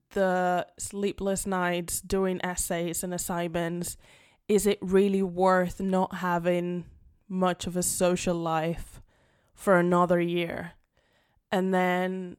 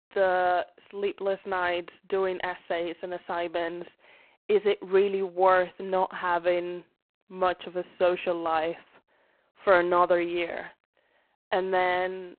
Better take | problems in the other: first | phone-call audio; poor line; nothing above 4 kHz

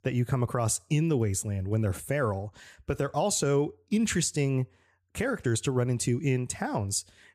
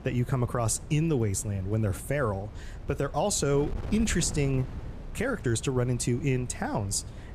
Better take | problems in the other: first | wind noise on the microphone; occasional gusts; 20 dB below the speech

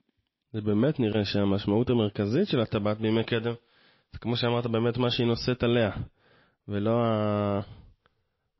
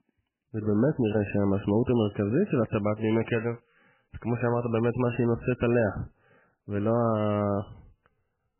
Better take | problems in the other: first | garbled, watery; badly; nothing above 3 kHz; slightly in the first

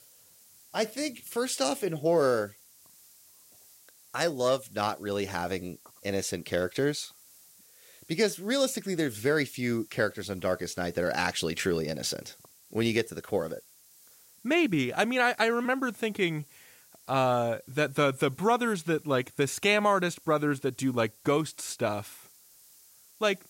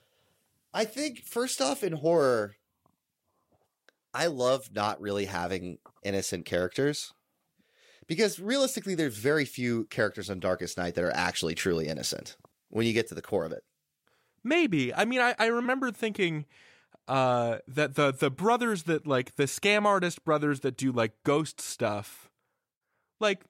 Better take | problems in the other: second | hiss; faint; throughout; 25 dB below the speech

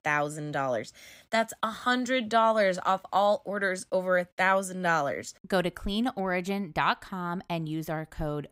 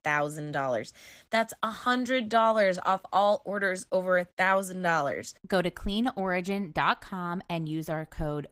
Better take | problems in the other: first | garbled, watery; slightly; nothing above 15.5 kHz

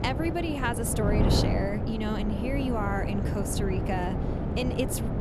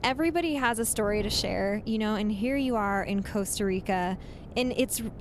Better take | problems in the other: second | wind noise on the microphone; heavy; 3 dB below the speech; occasional gusts in the second

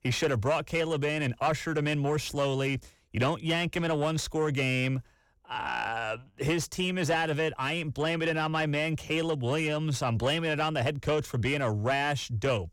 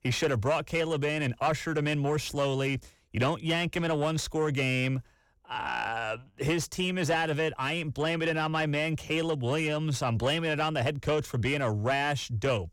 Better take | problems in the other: neither | distortion; slight; 10 dB below the speech; the same in both

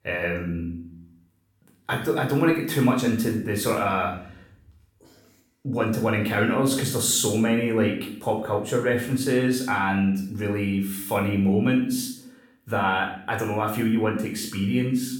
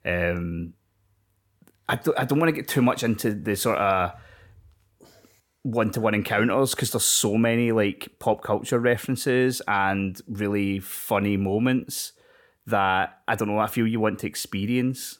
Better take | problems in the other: second | room echo; noticeable; dies away in 0.6 s // off-mic speech; far

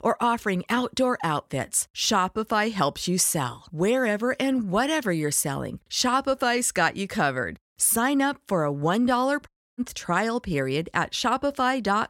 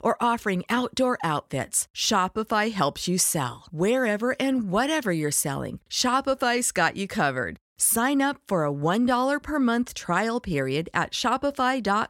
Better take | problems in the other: second | audio cutting out; at 9.5 s

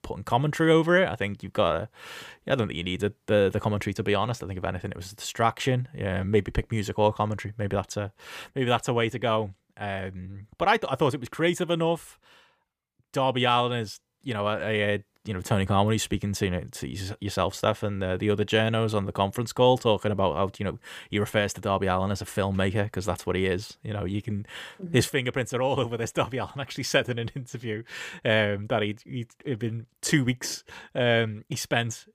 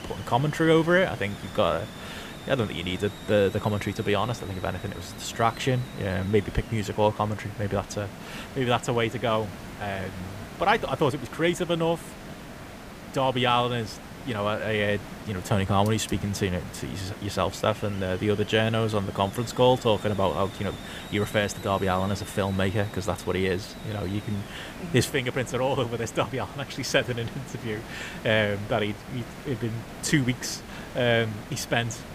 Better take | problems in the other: first | hiss; noticeable; throughout; 15 dB below the speech

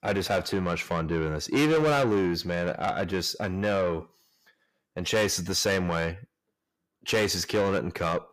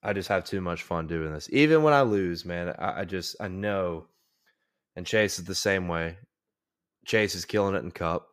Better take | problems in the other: second | distortion; heavy; 6 dB below the speech

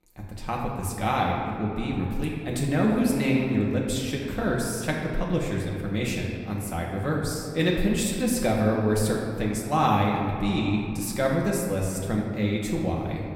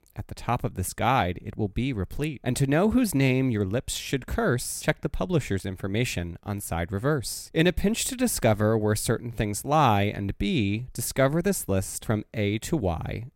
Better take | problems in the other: second | room echo; noticeable; dies away in 2.2 s // off-mic speech; far

